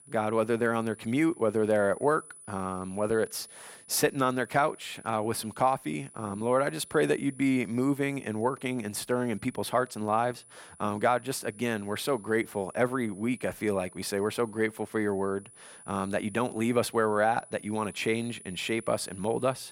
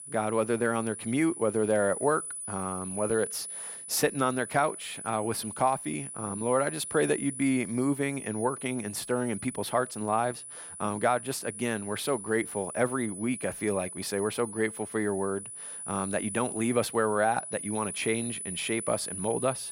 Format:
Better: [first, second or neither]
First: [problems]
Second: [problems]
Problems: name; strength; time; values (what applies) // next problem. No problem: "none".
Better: first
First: high-pitched whine; faint; throughout; 10 kHz, 20 dB below the speech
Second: high-pitched whine; loud; throughout; 10 kHz, 8 dB below the speech